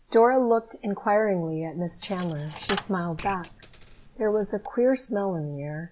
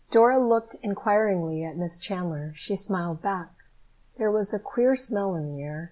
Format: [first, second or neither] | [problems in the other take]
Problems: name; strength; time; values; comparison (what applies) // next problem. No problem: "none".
second | background sound (Coin (dropping)); 15 dB below the speech